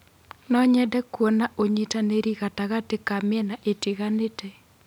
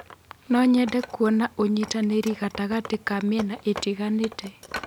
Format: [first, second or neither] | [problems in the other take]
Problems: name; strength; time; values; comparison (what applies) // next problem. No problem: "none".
first | background sound (Wood); 16 dB below the speech